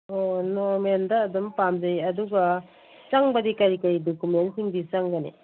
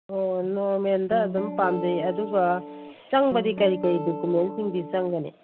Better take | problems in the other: first | background sound (Guitar); 9 dB below the speech

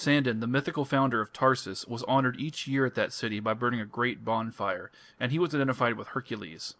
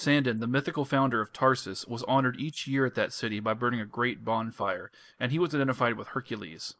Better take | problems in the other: first | noise reduction (neural mask model Resemble Enhance denoiser)

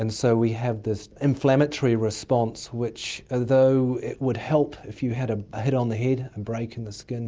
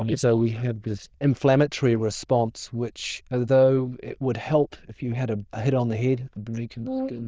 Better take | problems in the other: first | noise reduction (neural diffusion model UNIVERSE++)

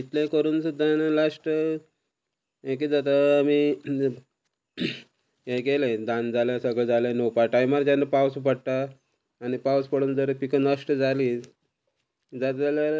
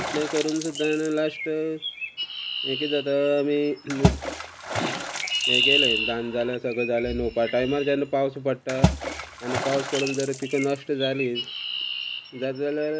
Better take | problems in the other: first | background sound (Chirp, tweet + Water / Splash, splatter); 2 dB below the speech

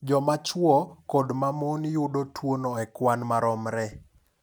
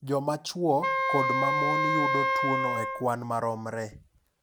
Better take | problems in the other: first | background sound (Wind instrument, woodwind instrument); 3 dB above the speech

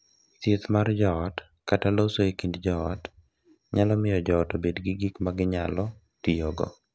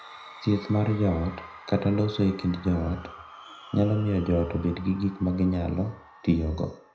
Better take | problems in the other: first | background sound (Crowd / Cheering); 19 dB below the speech // room echo; dies away in 0.4 s

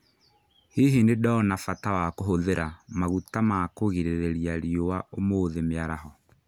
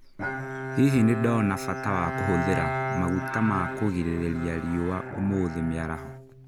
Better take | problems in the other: first | background sound (Bowed string instrument); 6 dB below the speech

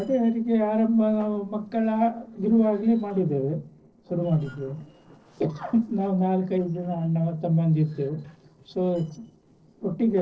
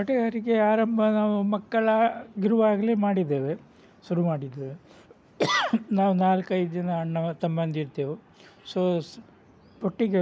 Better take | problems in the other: second | noise reduction (neural separator model SepFormer DNS4)

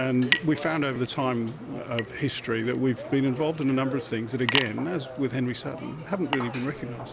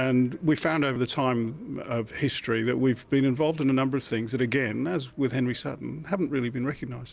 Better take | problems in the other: second | background sound (Chink, clink); 7 dB below the speech

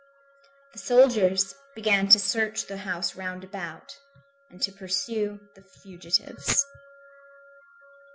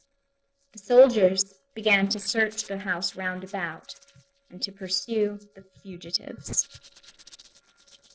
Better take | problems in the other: first | noise reduction (neural separator model SepFormer DNS4)

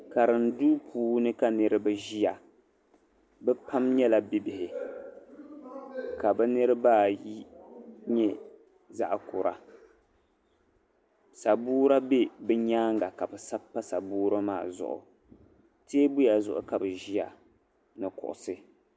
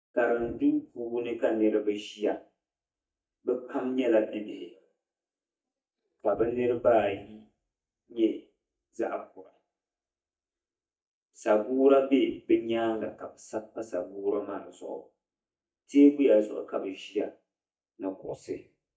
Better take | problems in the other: first | noise reduction (neural mask model DeepFilterNet 3)

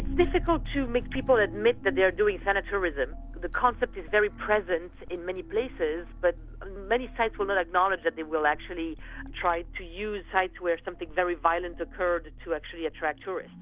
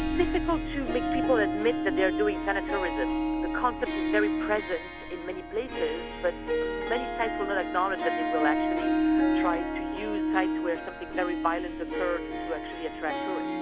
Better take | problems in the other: first | background sound (Harp); 1 dB above the speech

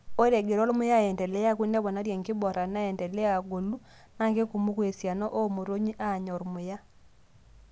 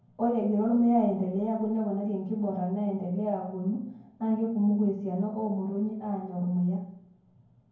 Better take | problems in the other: first | room echo; dies away in 0.9 s

